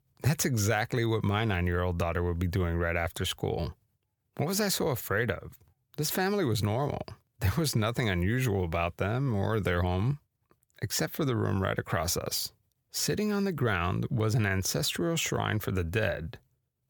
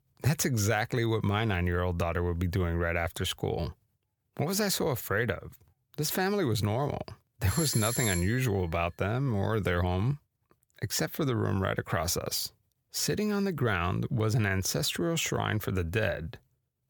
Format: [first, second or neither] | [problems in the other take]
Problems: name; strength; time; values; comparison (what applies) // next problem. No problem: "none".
first | doorbell; noticeable; at 7.5 s; peak 1 dB below the speech